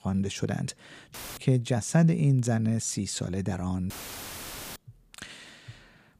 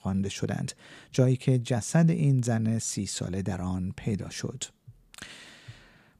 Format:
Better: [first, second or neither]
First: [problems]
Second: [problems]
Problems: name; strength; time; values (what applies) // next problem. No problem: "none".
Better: second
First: audio cutting out; filled with static; at 1 s and at 4 s for 1 s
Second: none